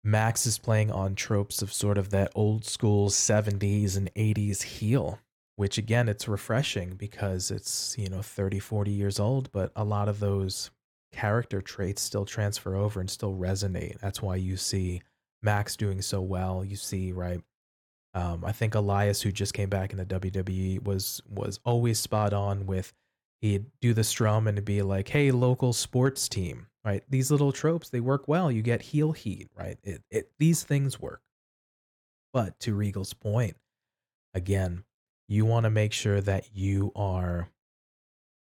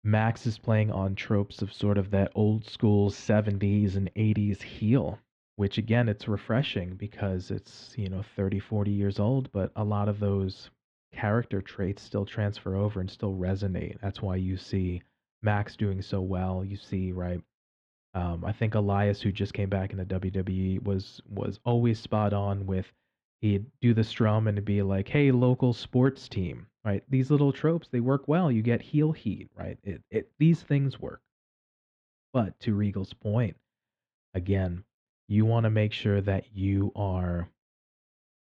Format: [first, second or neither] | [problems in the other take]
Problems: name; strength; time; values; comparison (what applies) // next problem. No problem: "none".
first | muffled; very; fading above 3.5 kHz